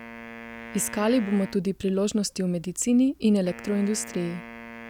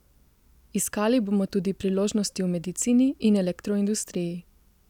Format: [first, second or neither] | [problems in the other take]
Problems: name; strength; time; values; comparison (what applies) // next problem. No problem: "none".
second | background sound (Wind instrument, woodwind instrument); 16 dB below the speech